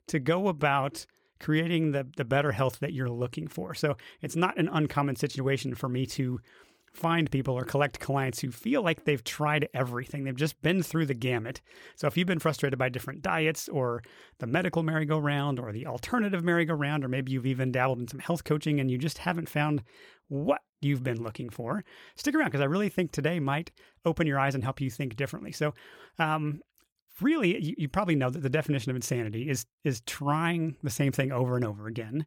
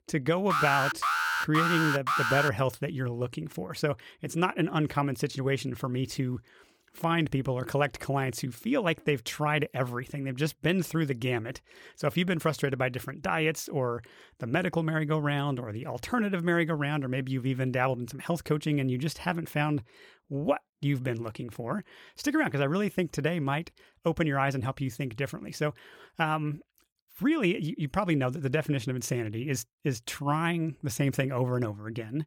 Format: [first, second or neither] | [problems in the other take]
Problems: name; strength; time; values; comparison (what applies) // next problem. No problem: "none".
first | alarm; loud; until 2.5 s; peak 3 dB above the speech